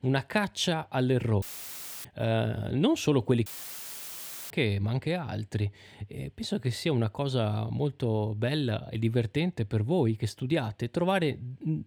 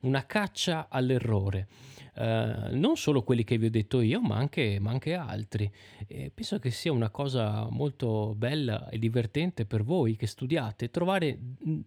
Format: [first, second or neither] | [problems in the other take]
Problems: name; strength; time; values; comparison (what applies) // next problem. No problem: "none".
second | audio cutting out; filled with static; at 1.5 s for 0.5 s and at 3.5 s for 1 s